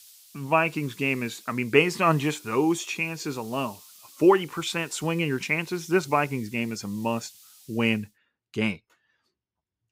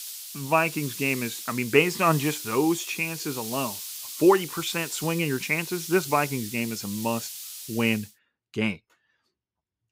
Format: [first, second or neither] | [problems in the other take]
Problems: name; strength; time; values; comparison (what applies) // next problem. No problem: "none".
first | hiss; loud; until 8 s; 9 dB below the speech; faint in the first